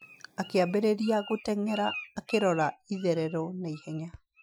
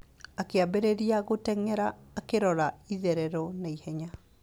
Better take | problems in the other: second | noise reduction (classical method Wiener filter)

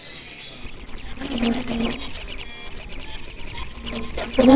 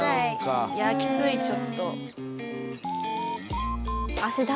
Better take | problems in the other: second | noise reduction (neural separator model SepFormer WHAMR!)

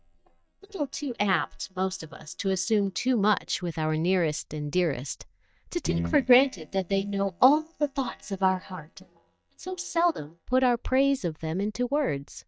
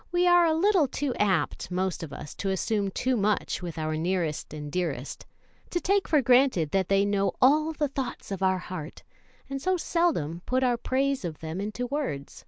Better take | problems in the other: second | noise reduction (neural mask model DeepFilterNet 3)

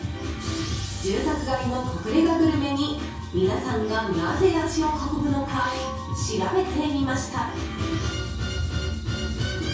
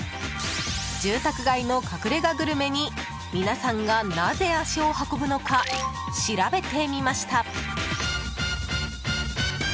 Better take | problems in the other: second | room echo; dies away in 0.6 s

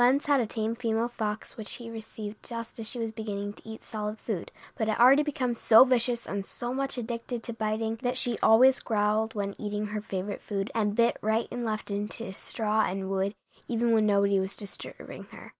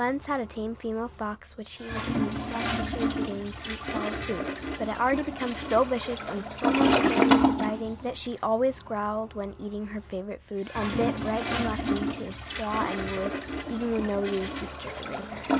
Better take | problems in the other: first | background sound (Toilet flush); 1 dB above the speech

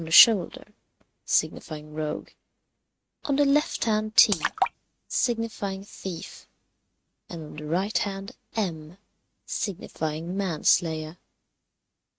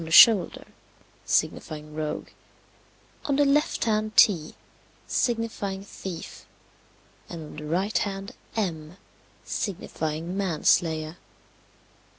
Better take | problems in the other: second | noise reduction (neural mask model RNNoise)

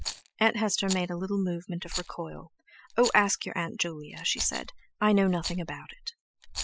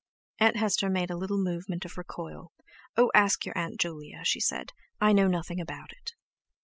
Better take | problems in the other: second | noise reduction (classical method Wiener filter)

